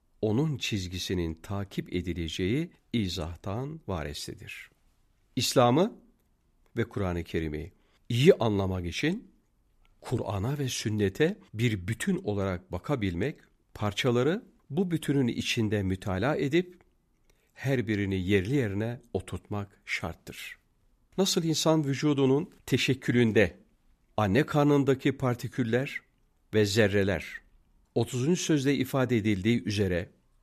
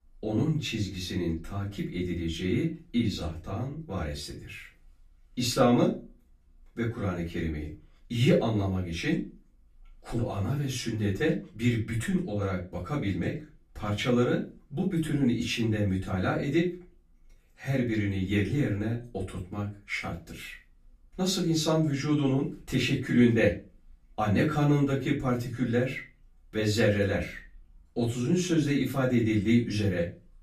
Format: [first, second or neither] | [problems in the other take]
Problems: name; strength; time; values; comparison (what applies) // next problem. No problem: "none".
first | room echo; slight; dies away in 0.3 s // off-mic speech; far